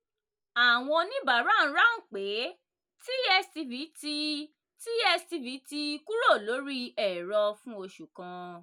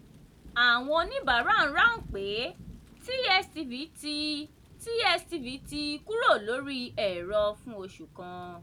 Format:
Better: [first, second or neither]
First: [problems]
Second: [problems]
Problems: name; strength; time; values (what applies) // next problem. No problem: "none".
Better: first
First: none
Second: background sound (Thunder / Rain); 20 dB below the speech